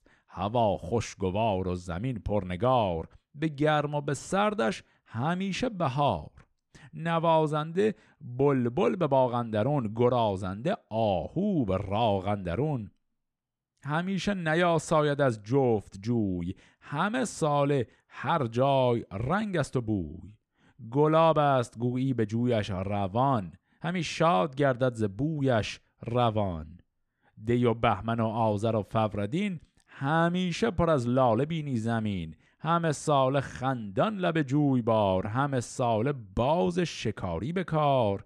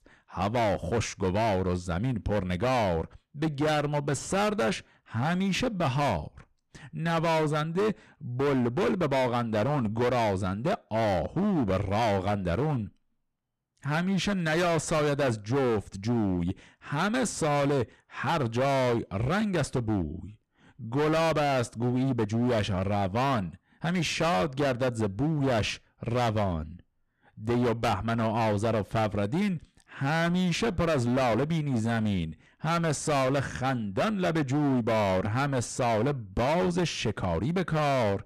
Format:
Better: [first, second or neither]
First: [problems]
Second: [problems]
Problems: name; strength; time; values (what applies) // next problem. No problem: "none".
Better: first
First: none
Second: distortion; heavy; 20% of the sound clipped